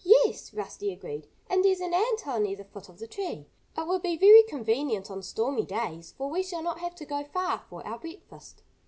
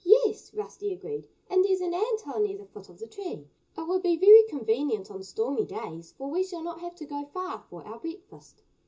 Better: first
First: none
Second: room echo; dies away in 0.2 s

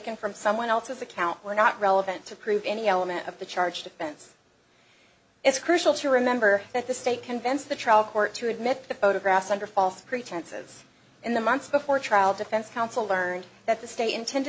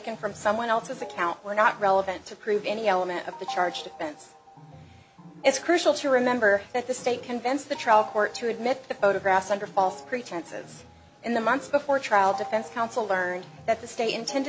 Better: first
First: none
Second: background sound (Organ); 18 dB below the speech

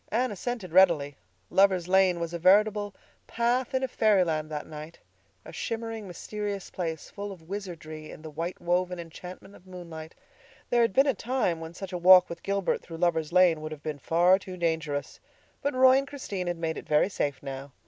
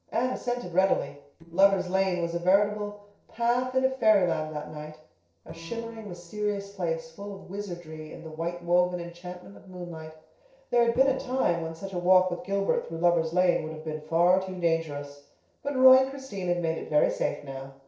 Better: first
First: none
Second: noise reduction (neural separator model SepFormer DNS4)

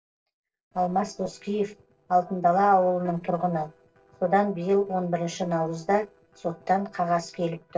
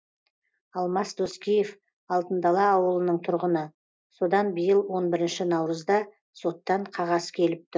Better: second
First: noise reduction (neural separator model SepFormer DNS4)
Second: none

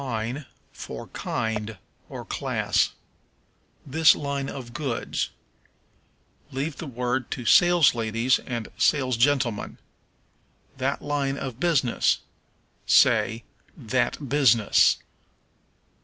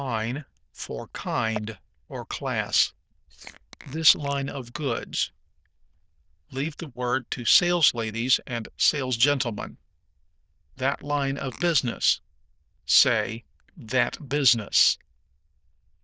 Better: first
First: none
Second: noise reduction (neural diffusion model UNIVERSE++)

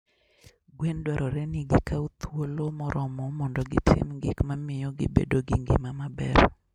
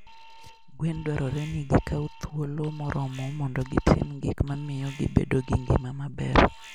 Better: first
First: none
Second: background sound (Alarm); 18 dB below the speech

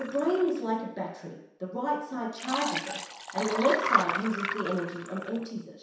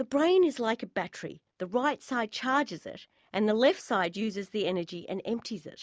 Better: second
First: background sound (Liquid); 3 dB below the speech // room echo; dies away in 0.7 s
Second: none

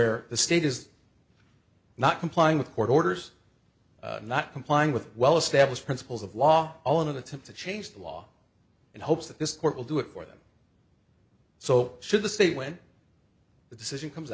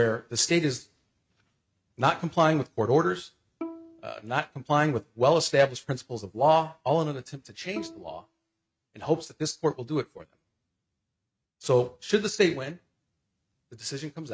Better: first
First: none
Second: noise reduction (neural mask model RNNoise)

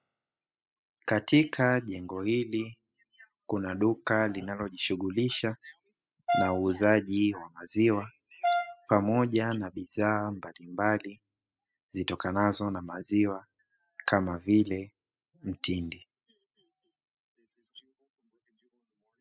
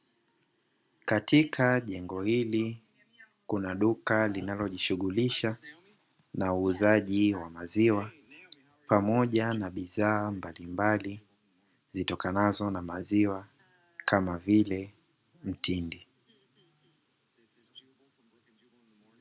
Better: second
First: noise reduction (classical method spectral subtraction)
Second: none

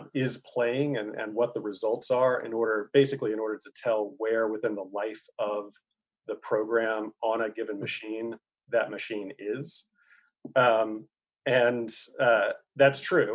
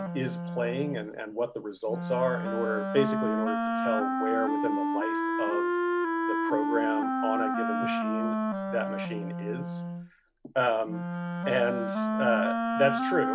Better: first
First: none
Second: background sound (Wind instrument, woodwind instrument); 2 dB above the speech

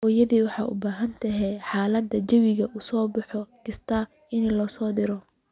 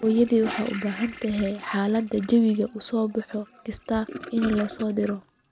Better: first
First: none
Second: background sound (Toilet flush / Gurgling); 15 dB below the speech

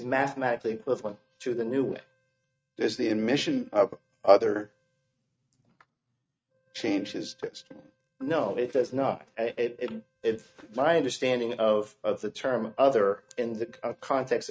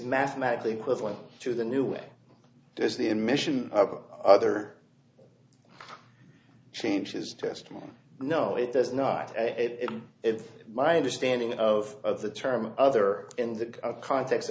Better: second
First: noise reduction (neural mask model RNNoise)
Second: none

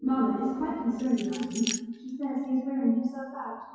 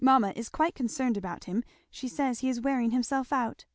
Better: second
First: noise reduction (classical method WPE with log-MMSE)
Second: none

